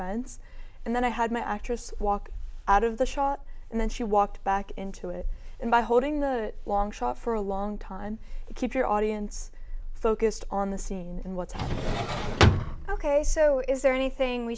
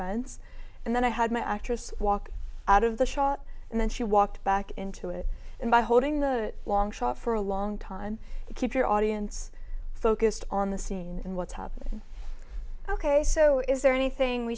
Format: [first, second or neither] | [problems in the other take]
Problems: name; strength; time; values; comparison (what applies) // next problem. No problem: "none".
second | background sound (Drawer open or close); 2 dB above the speech